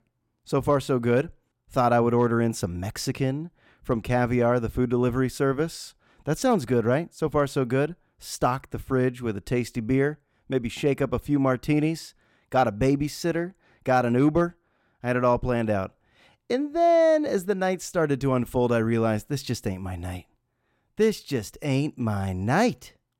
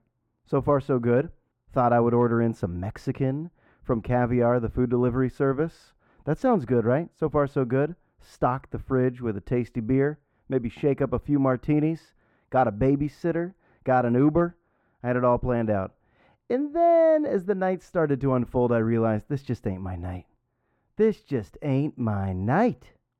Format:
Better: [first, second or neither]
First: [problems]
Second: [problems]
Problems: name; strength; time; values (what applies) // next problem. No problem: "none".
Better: first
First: none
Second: muffled; very; fading above 3 kHz